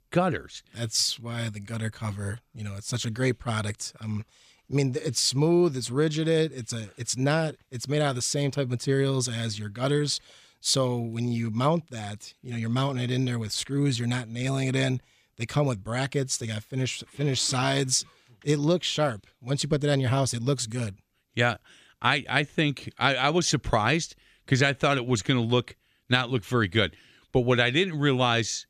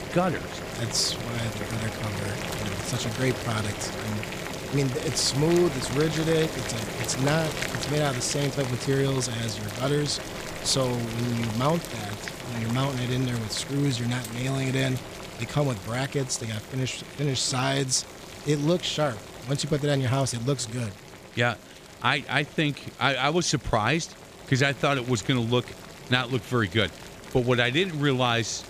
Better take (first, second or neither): first